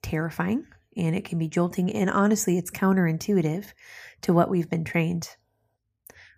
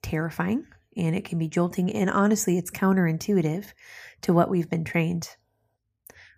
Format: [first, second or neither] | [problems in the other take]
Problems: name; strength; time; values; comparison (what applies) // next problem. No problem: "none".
neither | none